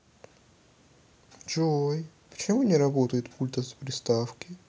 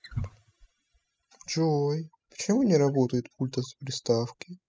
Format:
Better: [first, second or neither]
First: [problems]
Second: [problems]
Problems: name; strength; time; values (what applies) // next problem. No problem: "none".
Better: first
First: none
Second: noise reduction (classical method spectral subtraction)